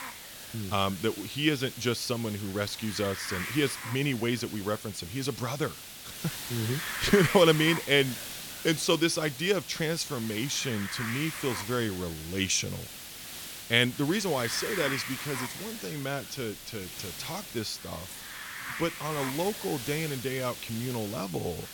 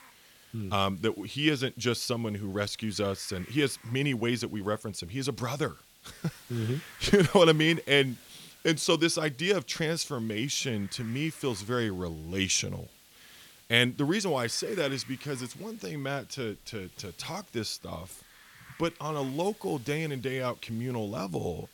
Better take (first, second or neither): second